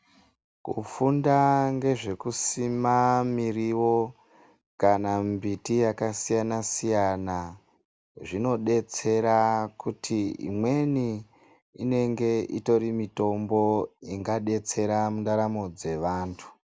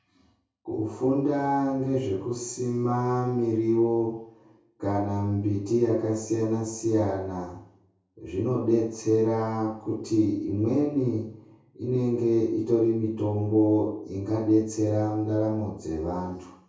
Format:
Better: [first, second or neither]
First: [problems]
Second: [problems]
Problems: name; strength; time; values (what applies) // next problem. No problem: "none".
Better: first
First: none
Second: room echo; dies away in 0.6 s